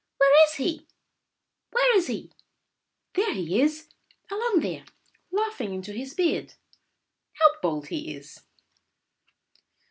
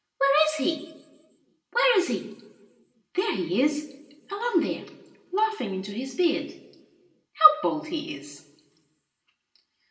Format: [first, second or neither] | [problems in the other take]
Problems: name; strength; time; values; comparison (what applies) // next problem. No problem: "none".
first | room echo; dies away in 0.8 s